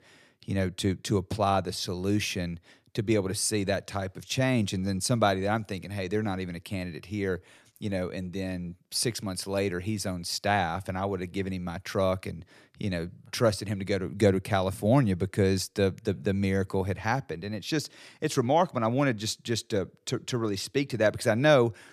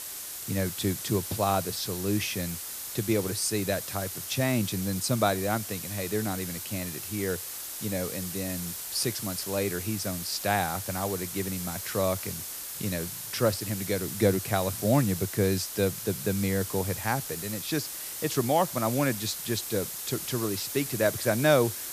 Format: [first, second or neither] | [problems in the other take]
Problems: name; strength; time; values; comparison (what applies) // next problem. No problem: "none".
first | hiss; loud; throughout; 5 dB below the speech